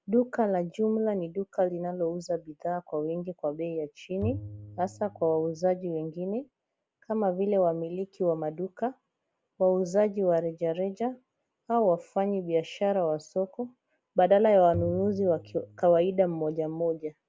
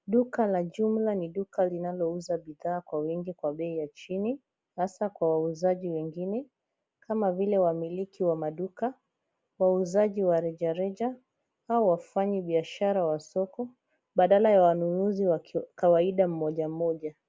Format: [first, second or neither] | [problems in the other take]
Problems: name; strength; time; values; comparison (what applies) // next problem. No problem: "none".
second | background sound (Bowed string instrument); 13 dB below the speech